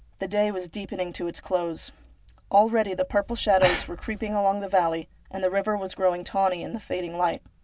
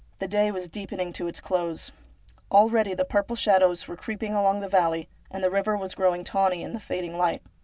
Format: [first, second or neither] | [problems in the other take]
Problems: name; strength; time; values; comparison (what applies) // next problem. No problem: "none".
second | background sound (Breathing); 7 dB below the speech